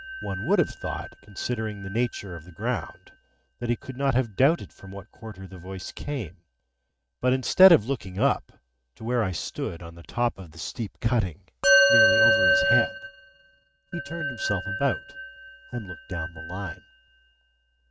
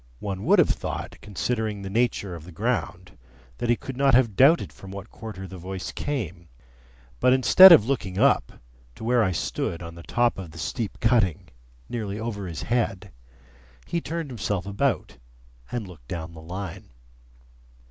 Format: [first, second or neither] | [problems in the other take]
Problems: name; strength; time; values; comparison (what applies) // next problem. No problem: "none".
second | noise reduction (neural mask model RNNoise)